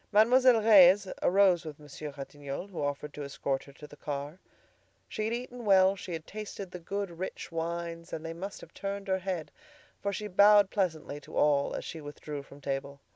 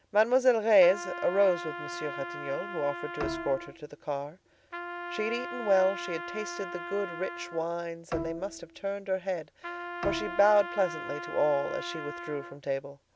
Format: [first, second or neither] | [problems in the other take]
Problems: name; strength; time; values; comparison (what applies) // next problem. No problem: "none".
first | background sound (Bowed string instrument + Trumpet); 9 dB below the speech